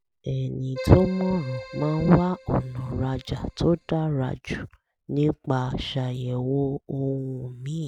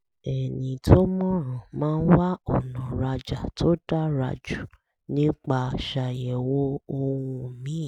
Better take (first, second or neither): second